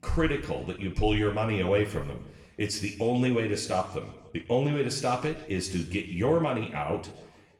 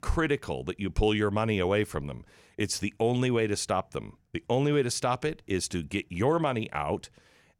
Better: second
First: room echo; slight; dies away in 0.9 s // off-mic speech; somewhat distant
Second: none

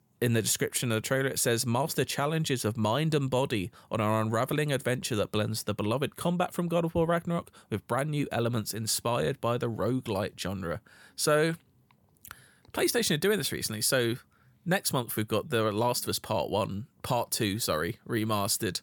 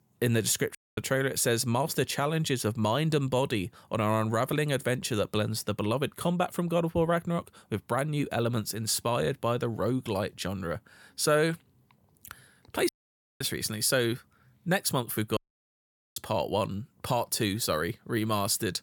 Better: first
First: none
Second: audio cutting out; at 1 s, at 13 s for 0.5 s and at 15 s for 1 s

